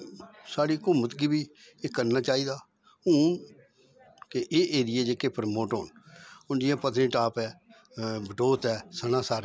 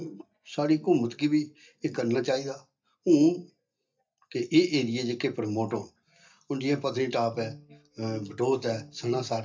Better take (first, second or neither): first